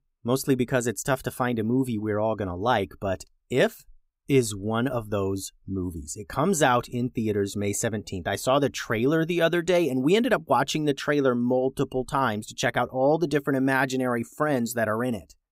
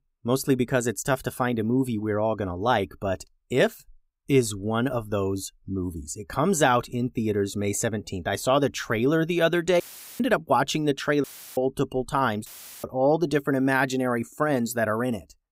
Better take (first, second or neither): first